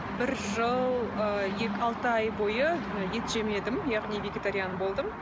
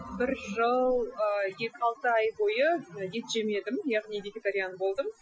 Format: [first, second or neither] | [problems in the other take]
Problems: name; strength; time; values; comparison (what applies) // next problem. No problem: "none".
first | noise reduction (classical method Wiener filter)